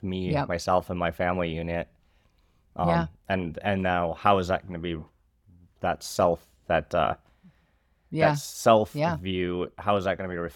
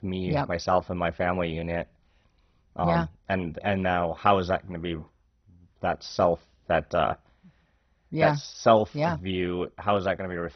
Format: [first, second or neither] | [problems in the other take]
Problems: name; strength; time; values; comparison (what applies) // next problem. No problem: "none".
first | garbled, watery; badly; nothing above 6 kHz